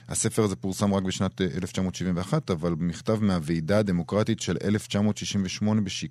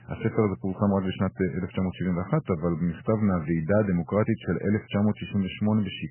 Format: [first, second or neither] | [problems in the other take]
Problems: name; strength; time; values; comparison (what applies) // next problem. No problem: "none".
first | garbled, watery; badly; nothing above 3 kHz